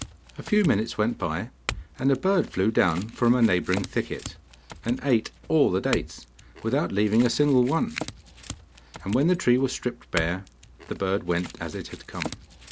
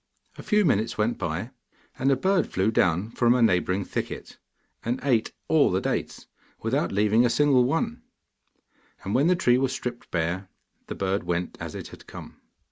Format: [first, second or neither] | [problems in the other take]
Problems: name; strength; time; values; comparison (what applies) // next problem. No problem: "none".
second | background sound (Chink, clink / Domestic sounds, home sounds); 14 dB below the speech